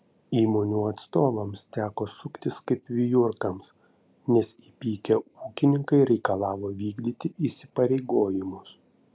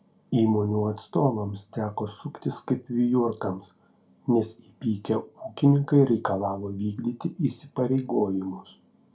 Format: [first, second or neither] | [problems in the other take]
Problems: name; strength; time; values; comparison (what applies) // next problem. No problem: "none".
first | room echo; dies away in 0.2 s